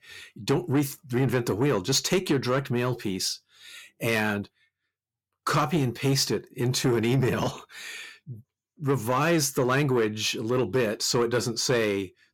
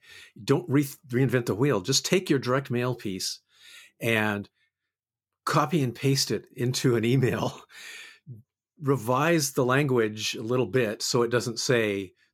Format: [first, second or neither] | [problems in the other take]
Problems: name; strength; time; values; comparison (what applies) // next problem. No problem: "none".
second | distortion; slight; 10 dB below the speech